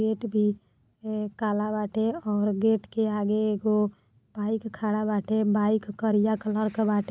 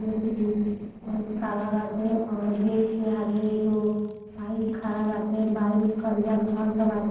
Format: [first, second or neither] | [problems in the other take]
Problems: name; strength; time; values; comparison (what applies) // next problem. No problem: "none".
first | noise reduction (neural separator model SepFormer DNS4)